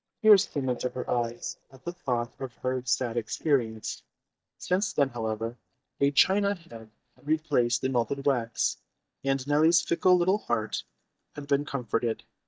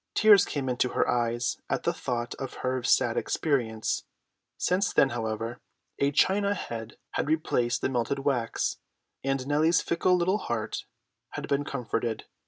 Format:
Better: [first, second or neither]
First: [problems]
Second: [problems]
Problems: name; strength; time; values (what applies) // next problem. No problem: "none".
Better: second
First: noise reduction (neural mask model DeepFilterNet 3)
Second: none